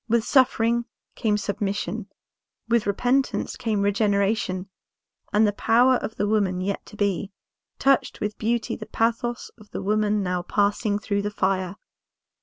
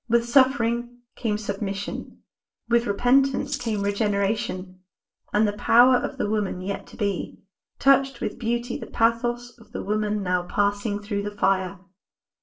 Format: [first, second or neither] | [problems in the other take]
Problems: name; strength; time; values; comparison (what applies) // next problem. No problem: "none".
first | noise reduction (neural separator model SepFormer DNS4)